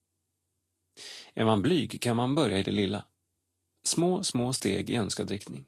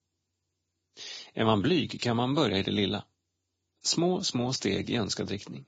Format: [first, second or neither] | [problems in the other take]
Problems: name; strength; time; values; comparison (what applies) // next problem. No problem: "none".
first | garbled, watery; badly; nothing above 7.5 kHz; slightly in the first